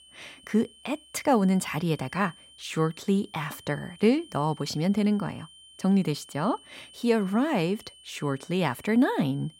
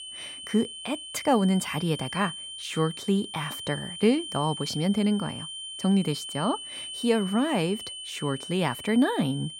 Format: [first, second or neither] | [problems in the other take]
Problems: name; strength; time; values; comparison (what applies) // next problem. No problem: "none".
first | high-pitched whine; loud; throughout; 3 kHz, 9 dB below the speech; faint in the first